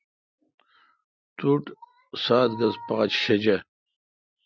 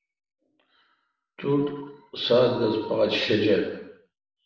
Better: first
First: none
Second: room echo; dies away in 0.9 s

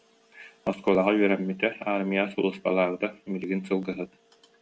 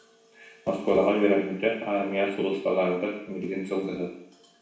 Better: first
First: none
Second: room echo; dies away in 0.7 s

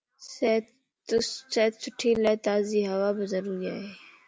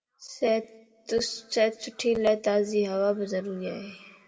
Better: first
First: none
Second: room echo; dies away in 1.1 s

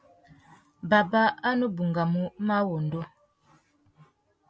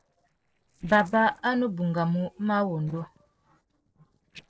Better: first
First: none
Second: noise reduction (neural separator model SepFormer DNS4)

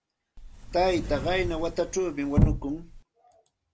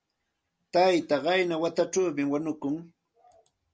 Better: second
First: background sound (Sliding door / Slam / Wood); as loud as the speech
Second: none

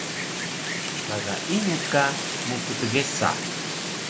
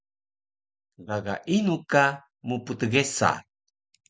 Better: second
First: background sound (Wind); 1 dB below the speech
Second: none

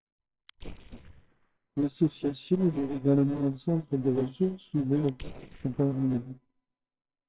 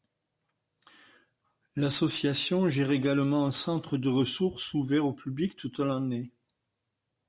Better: second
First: noise reduction (neural separator model SepFormer WHAMR!)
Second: none

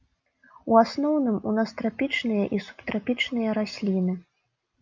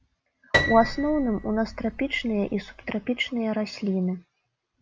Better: first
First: none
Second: background sound (Piano); 5 dB below the speech

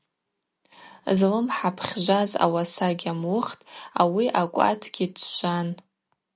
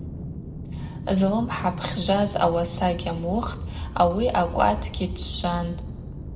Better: first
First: none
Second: background sound (Aircraft); 7 dB below the speech // room echo; dies away in 0.7 s

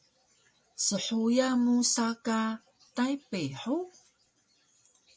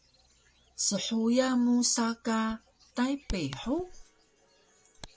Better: first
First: none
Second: background sound (Bird vocalization, bird call, bird song); 18 dB below the speech

